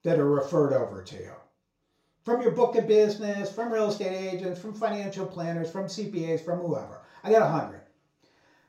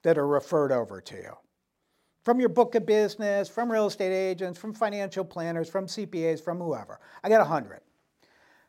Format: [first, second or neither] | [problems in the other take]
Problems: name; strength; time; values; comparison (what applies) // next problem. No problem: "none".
second | room echo; slight; dies away in 0.3 s // off-mic speech; far